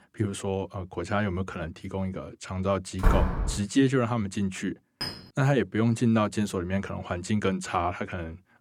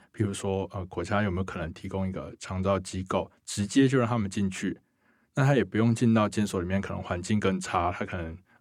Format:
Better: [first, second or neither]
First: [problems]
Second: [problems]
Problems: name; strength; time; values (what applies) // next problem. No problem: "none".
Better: second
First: door banging; loud; at 3 s; peak 3 dB above the speech // clattering dishes; noticeable; at 5 s; peak 6 dB below the speech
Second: none